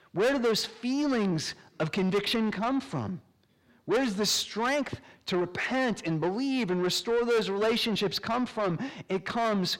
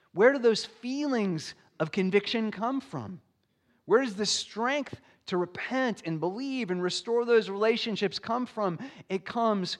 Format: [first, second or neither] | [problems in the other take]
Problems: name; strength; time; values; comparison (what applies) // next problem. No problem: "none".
second | distortion; heavy; 6 dB below the speech